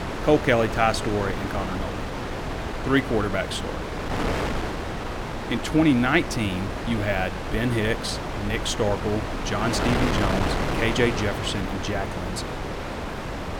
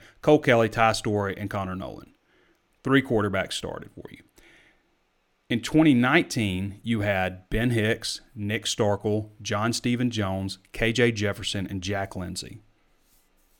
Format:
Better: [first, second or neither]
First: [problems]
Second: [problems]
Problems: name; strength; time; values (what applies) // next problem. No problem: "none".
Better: second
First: wind noise on the microphone; heavy; 4 dB below the speech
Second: none